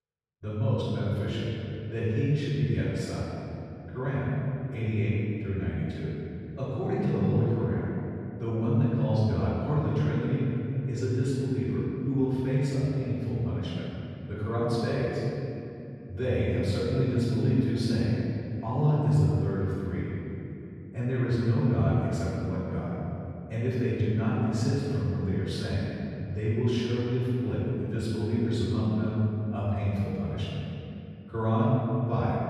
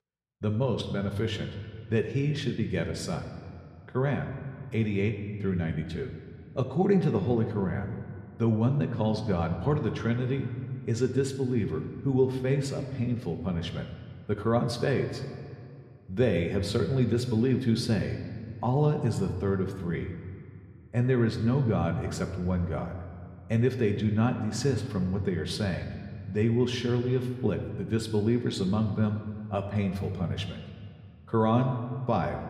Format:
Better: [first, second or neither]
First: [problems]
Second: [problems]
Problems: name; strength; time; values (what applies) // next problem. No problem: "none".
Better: second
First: room echo; strong; dies away in 2.8 s // off-mic speech; far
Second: room echo; slight; dies away in 1.6 s